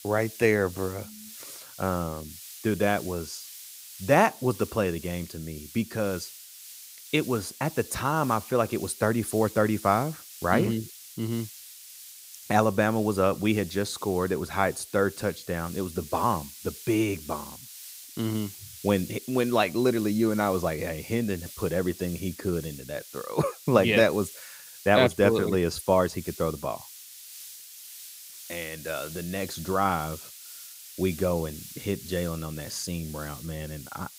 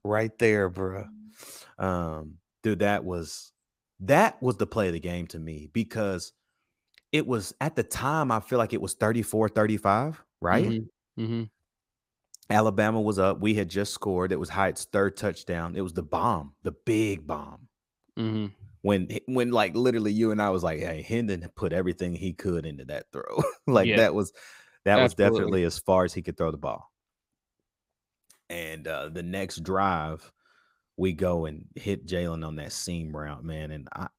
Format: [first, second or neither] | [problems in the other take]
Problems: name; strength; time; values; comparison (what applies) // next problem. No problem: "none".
second | hiss; noticeable; throughout; 15 dB below the speech